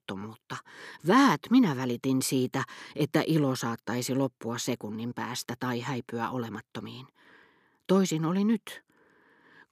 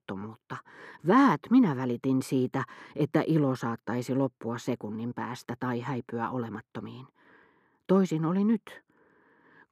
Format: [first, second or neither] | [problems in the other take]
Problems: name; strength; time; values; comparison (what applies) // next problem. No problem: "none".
first | muffled; slightly; fading above 2.5 kHz